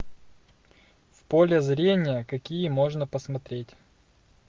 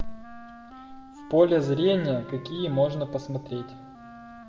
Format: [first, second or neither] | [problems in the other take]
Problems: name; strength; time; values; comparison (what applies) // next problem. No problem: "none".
first | background sound (Wind instrument, woodwind instrument); 18 dB below the speech // room echo; dies away in 0.9 s